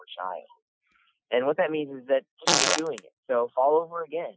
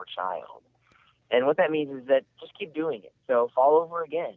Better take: second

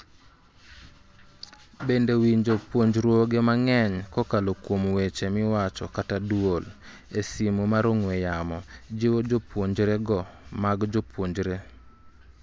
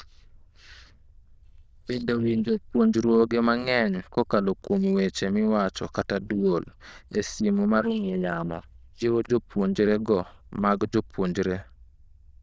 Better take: first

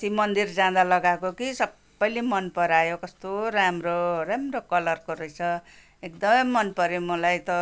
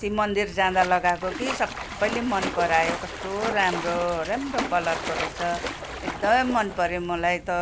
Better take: first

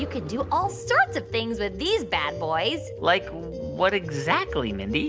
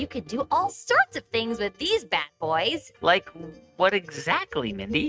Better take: first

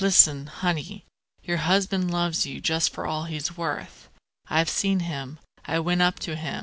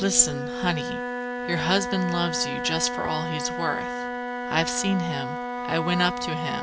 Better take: first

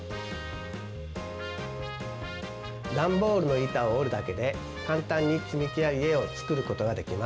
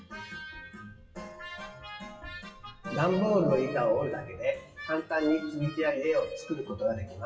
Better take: first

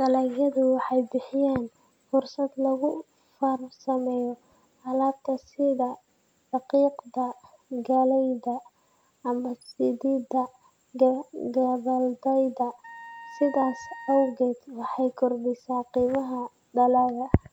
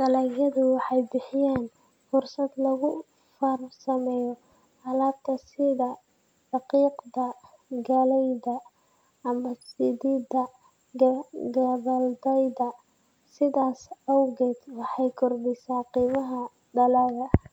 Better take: second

